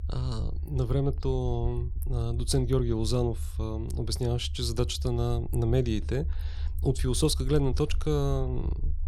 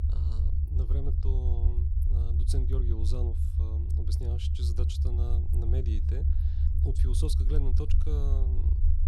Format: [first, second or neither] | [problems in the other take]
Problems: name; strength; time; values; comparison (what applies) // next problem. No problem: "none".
first | low rumble; loud; throughout; 2 dB below the speech; faint in the first